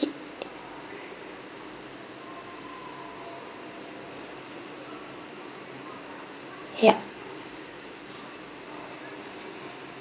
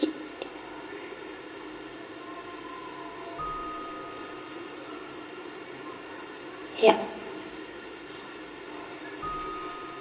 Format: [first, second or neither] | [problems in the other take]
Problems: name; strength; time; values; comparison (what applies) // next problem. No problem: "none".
first | background sound (Keyboard (musical)); 12 dB below the speech // room echo; dies away in 2.2 s